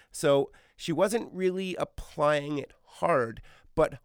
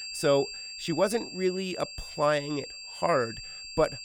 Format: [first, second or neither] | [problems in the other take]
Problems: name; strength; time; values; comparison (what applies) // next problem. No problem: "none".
first | high-pitched whine; loud; throughout; 4.5 kHz, 9 dB below the speech